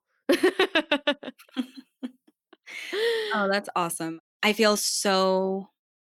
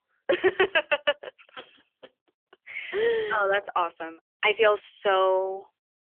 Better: first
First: none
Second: phone-call audio; nothing above 3 kHz

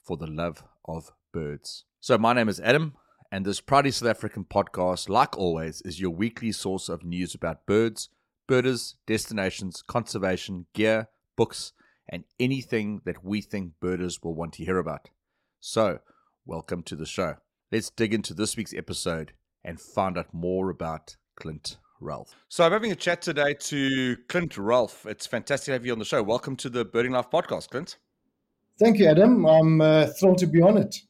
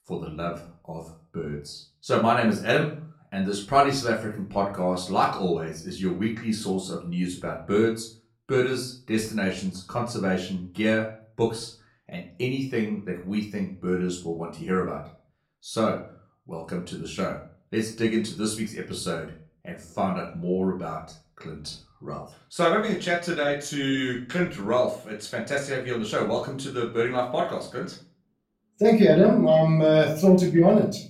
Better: first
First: none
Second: off-mic speech; far // room echo; slight; dies away in 0.3 s

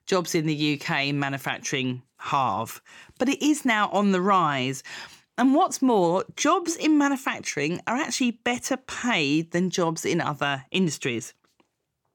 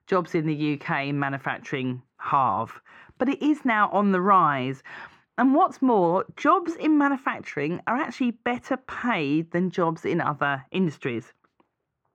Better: first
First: none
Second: muffled; very; fading above 3.5 kHz

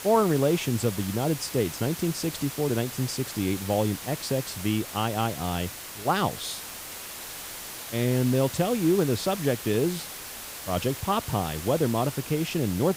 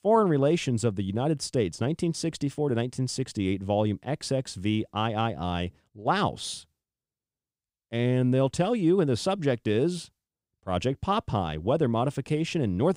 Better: second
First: hiss; loud; throughout; 9 dB below the speech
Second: none

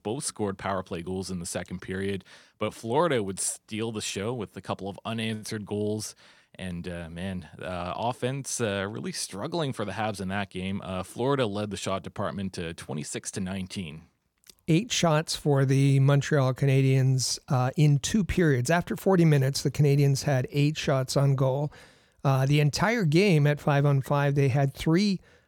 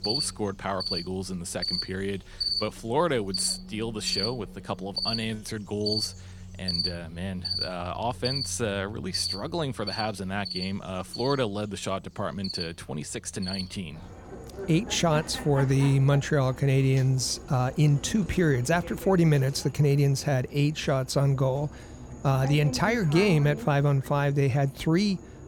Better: first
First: none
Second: animal sounds; loud; throughout; 7 dB below the speech

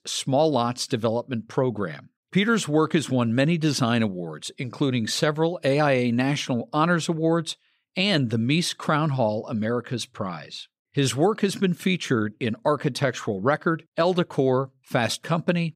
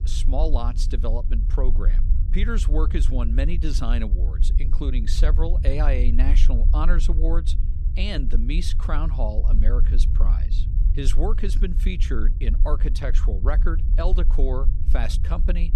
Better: first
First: none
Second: low rumble; noticeable; throughout; 10 dB below the speech

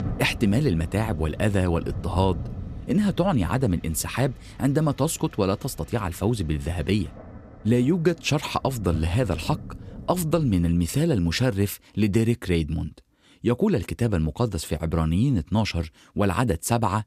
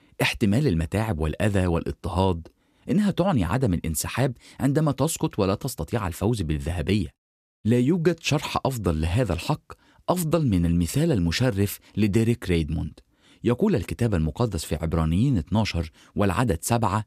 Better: second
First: rain or running water; noticeable; until 12 s; 15 dB below the speech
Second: none

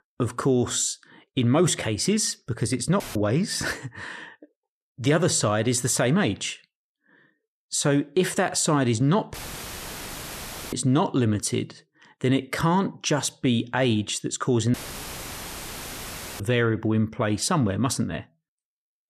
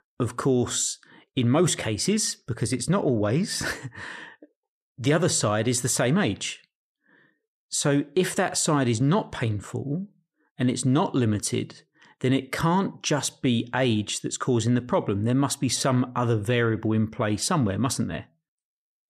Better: second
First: audio cutting out; filled with static; at 3 s, at 9.5 s for 1.5 s and at 15 s for 1.5 s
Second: none

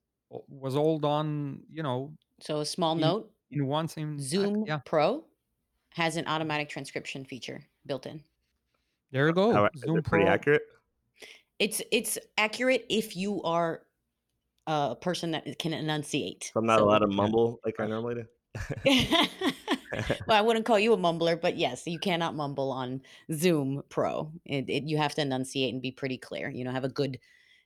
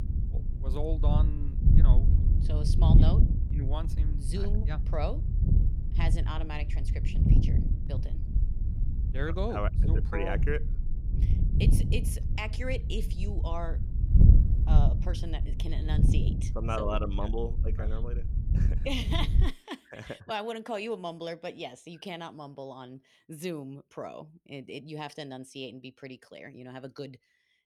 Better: first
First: none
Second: wind noise on the microphone; heavy; until 19 s; 5 dB below the speech

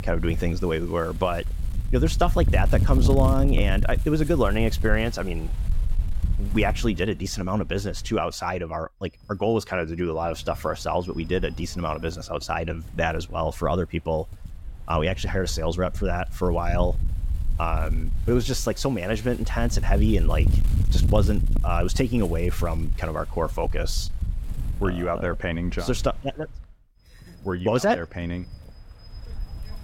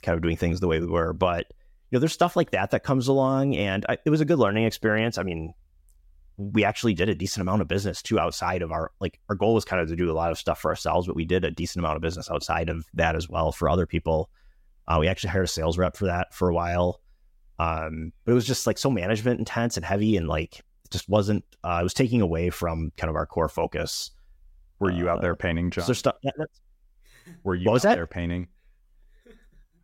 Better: second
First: wind noise on the microphone; occasional gusts; 15 dB below the speech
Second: none

